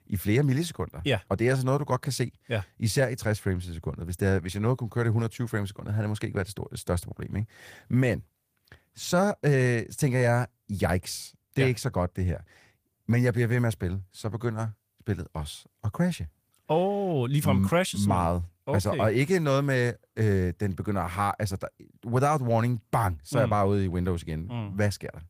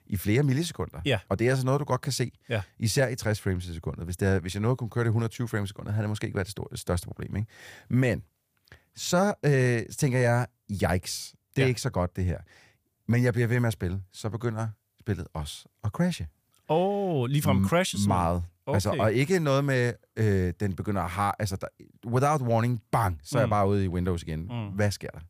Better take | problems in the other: second | garbled, watery; slightly; nothing above 15 kHz

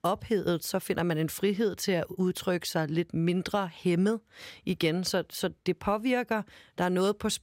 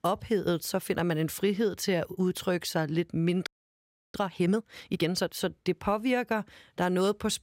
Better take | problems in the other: first | audio freezing; at 3.5 s for 0.5 s

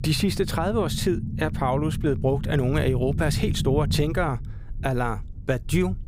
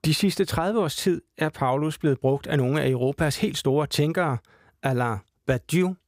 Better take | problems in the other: second | low rumble; noticeable; throughout; 15 dB below the speech

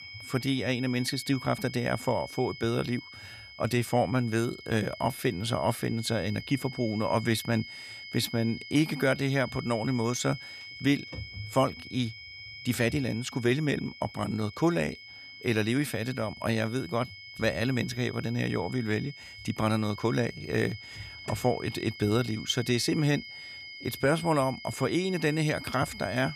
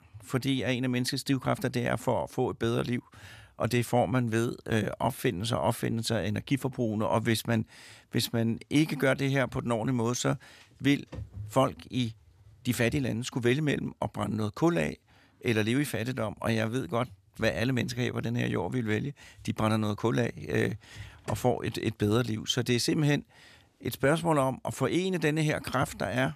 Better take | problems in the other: second | high-pitched whine; noticeable; throughout; 2 kHz, 15 dB below the speech

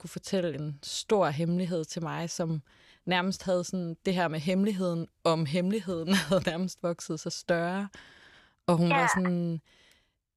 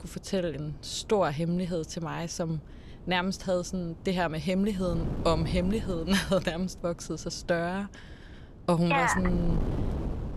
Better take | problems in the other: first | wind noise on the microphone; occasional gusts; 15 dB below the speech

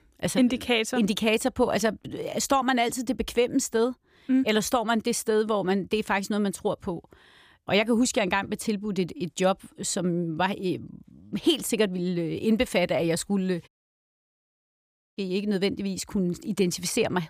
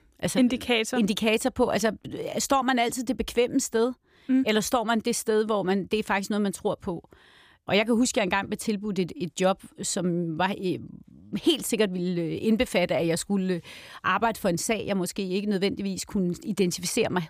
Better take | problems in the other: second | audio cutting out; at 14 s for 1.5 s

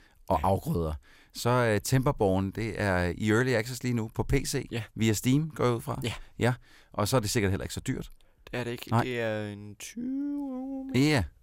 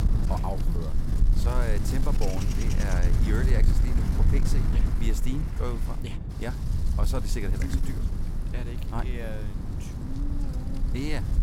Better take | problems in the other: first | wind noise on the microphone; heavy; 3 dB below the speech

